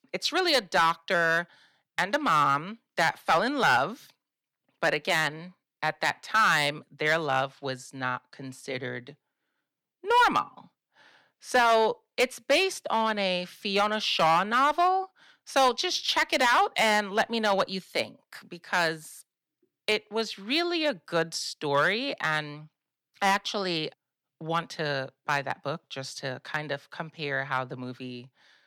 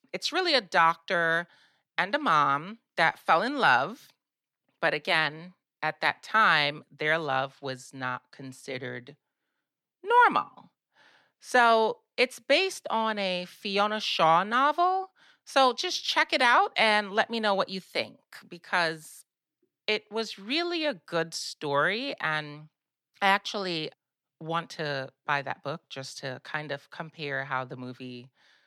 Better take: second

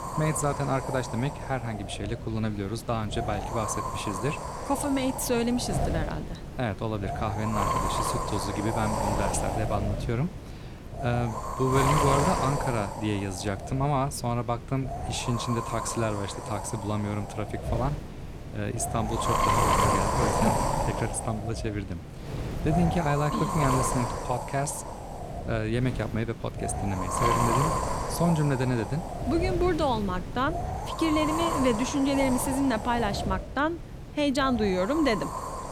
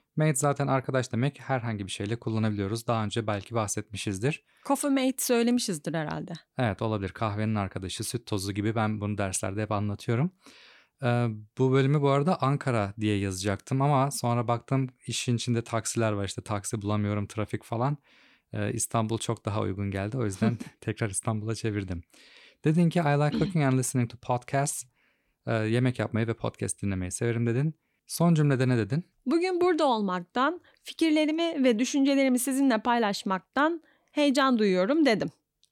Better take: second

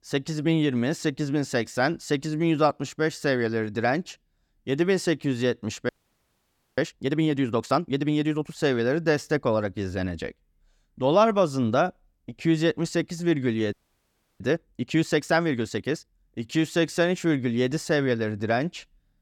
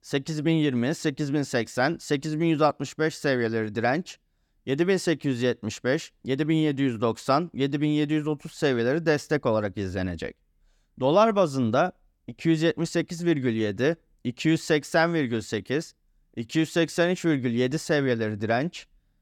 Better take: second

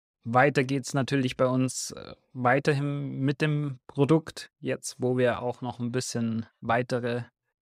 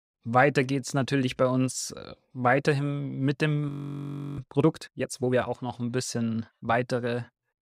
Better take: first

